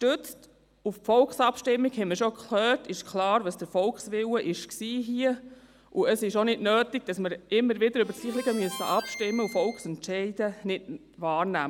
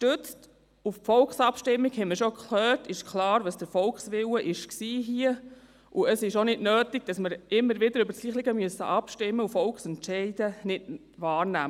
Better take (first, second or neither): second